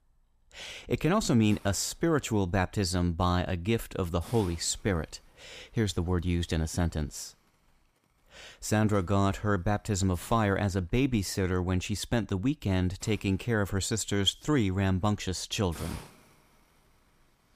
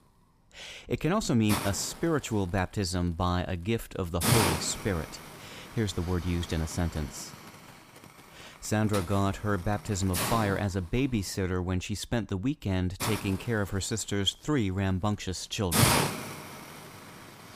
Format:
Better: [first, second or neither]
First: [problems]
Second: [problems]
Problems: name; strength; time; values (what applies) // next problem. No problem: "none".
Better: first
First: hiss; faint; throughout; 25 dB below the speech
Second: hiss; loud; throughout; 1 dB below the speech